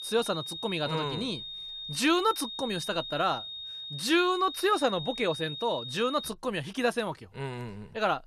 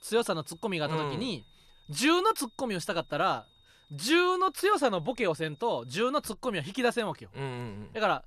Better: second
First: high-pitched whine; loud; until 6.5 s; 3.5 kHz, 7 dB below the speech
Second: high-pitched whine; faint; until 6.5 s; 3.5 kHz, 30 dB below the speech

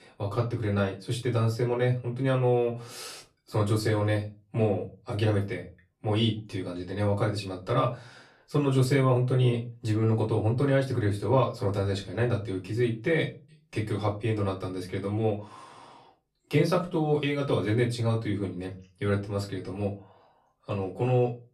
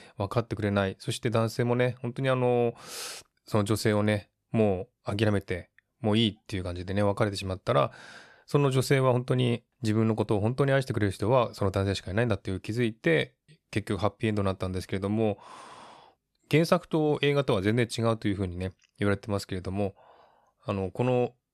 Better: second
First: off-mic speech; far // room echo; very slight; dies away in 0.2 s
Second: none

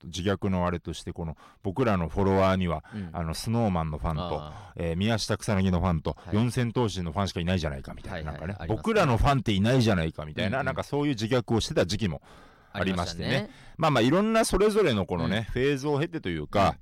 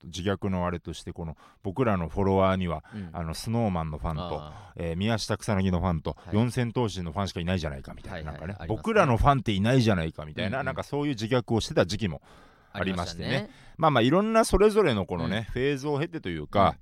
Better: second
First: distortion; slight; 4% of the sound clipped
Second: none

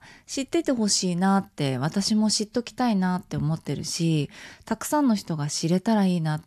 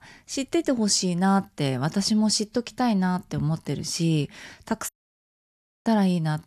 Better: first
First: none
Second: audio cutting out; at 5 s for 1 s

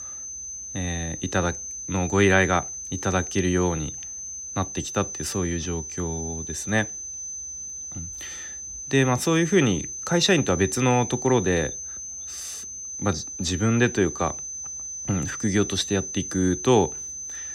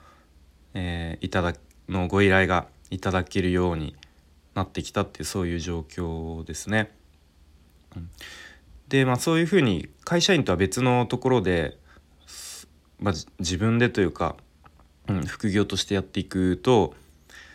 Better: second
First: high-pitched whine; loud; throughout; 6 kHz, 8 dB below the speech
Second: none

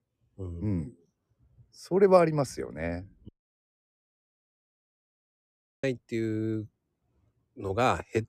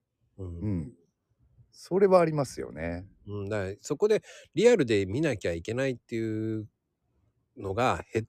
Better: second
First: audio cutting out; at 3.5 s for 2.5 s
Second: none

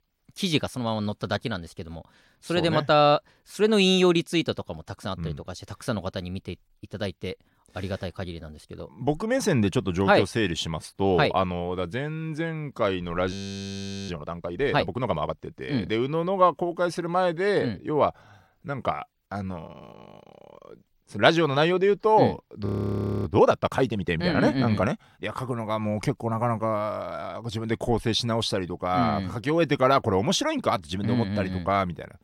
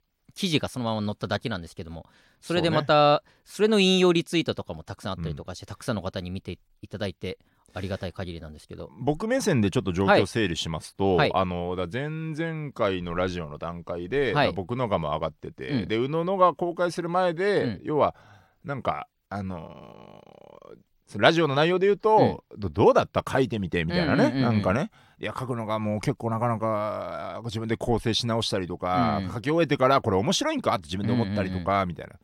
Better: second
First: audio freezing; at 13 s for 1 s and at 23 s for 0.5 s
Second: none

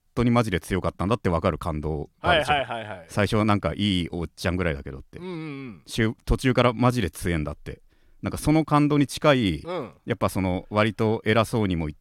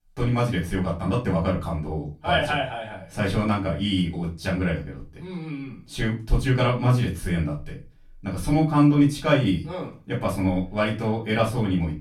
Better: first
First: none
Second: off-mic speech; far // room echo; slight; dies away in 0.3 s

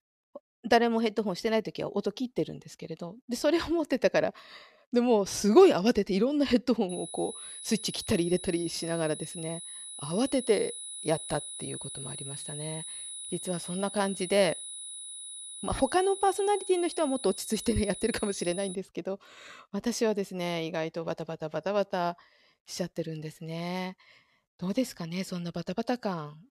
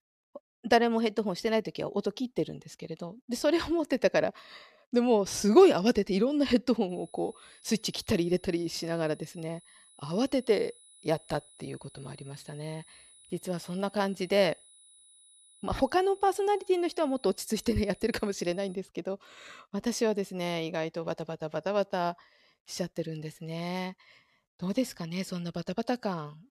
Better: second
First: high-pitched whine; loud; from 7 to 19 s; 10 kHz, 9 dB below the speech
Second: high-pitched whine; faint; from 7 to 19 s; 10 kHz, 25 dB below the speech

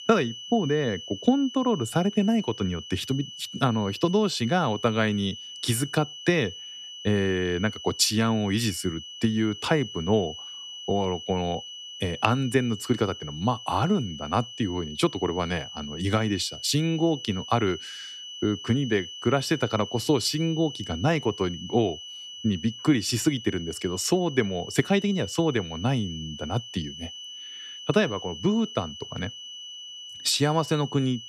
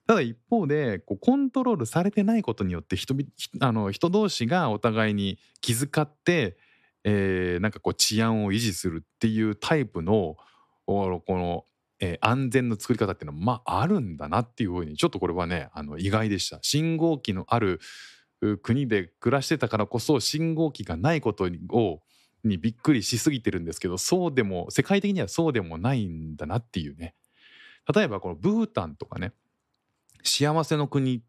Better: second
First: high-pitched whine; noticeable; throughout; 3 kHz, 10 dB below the speech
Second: none

